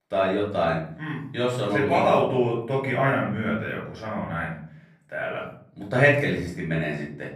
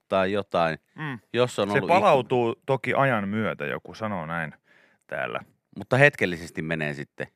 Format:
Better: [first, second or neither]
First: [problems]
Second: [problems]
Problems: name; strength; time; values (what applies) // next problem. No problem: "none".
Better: second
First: off-mic speech; far // room echo; noticeable; dies away in 0.6 s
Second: none